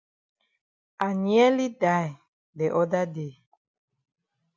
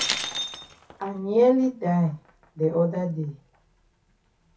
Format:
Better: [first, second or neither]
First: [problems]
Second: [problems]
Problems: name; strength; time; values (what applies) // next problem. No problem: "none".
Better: first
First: none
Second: background sound (Shatter); 11 dB below the speech // room echo; dies away in 0.3 s